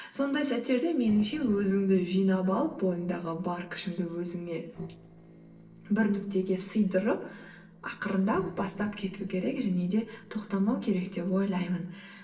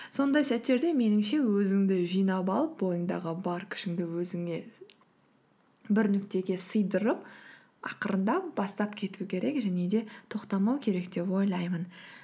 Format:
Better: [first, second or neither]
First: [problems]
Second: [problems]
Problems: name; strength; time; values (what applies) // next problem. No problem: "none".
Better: second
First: noise reduction (neural separator model SepFormer DNS4)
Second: none